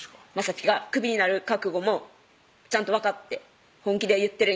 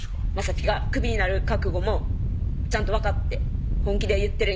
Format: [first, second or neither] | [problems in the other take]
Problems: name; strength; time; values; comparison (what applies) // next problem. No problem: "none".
first | background sound (Wind); 4 dB above the speech